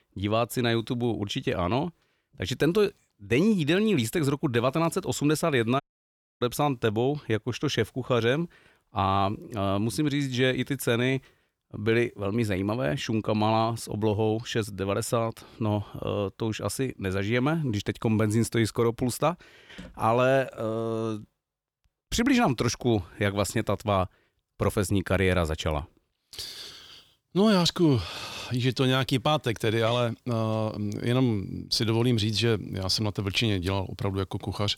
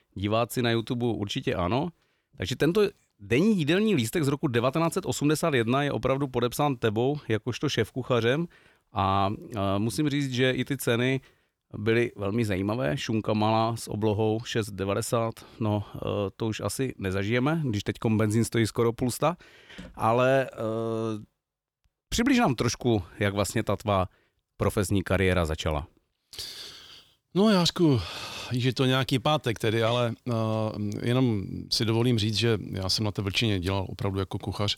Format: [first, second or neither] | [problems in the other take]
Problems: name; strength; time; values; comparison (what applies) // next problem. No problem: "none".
second | audio cutting out; at 6 s for 0.5 s